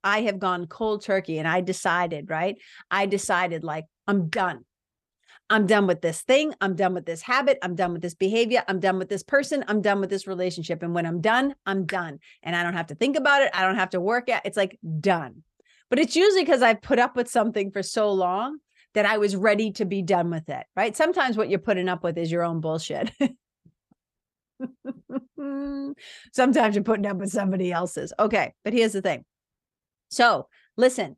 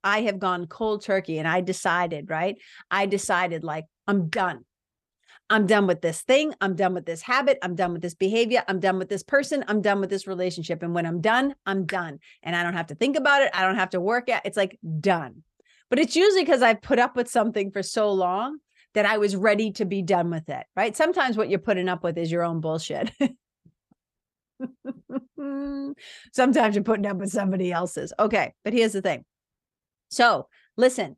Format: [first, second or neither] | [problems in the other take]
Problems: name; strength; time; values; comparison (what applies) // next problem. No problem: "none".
neither | none